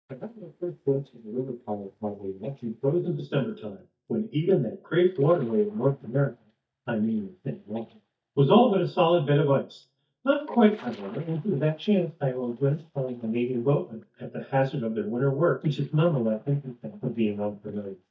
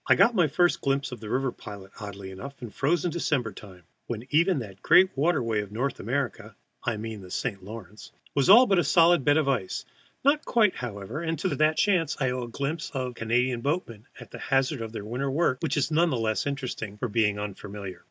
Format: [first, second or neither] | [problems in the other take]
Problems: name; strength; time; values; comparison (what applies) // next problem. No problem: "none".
second | noise reduction (neural mask model DeepFilterNet 3)